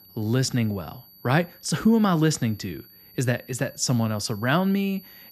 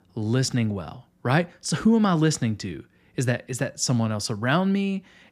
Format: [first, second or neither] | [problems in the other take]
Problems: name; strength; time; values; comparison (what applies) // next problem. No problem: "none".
second | high-pitched whine; faint; throughout; 12 kHz, 25 dB below the speech